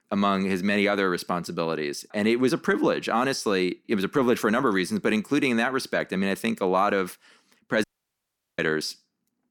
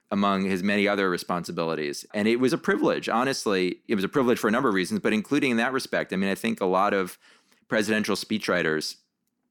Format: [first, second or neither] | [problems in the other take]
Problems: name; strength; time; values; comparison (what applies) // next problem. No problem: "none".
second | audio cutting out; at 8 s for 0.5 s